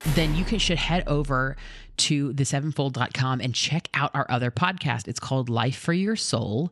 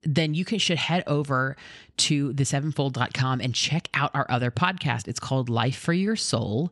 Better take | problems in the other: second | door banging; noticeable; until 2 s; peak 7 dB below the speech

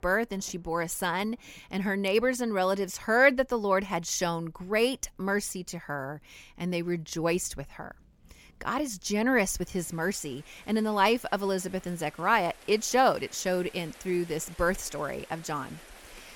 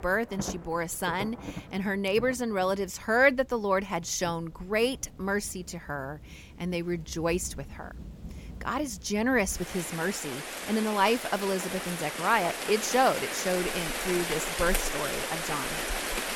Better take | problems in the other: first | rain or running water; loud; throughout; 5 dB below the speech; faint in the first

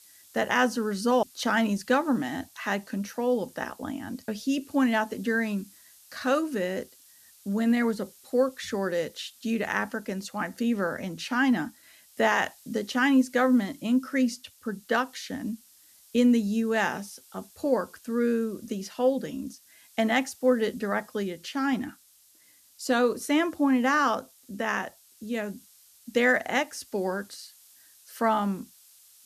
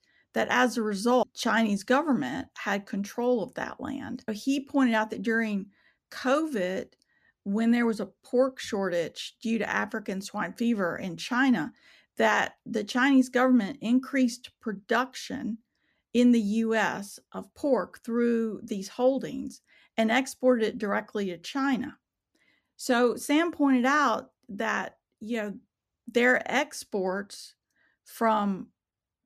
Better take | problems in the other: second | hiss; faint; throughout; 25 dB below the speech

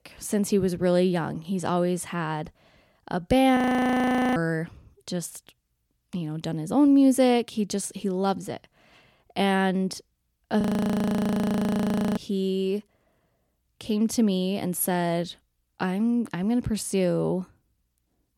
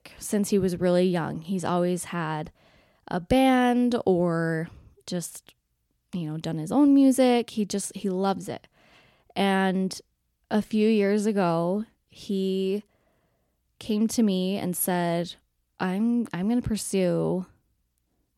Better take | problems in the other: second | audio freezing; at 3.5 s for 1 s and at 11 s for 1.5 s

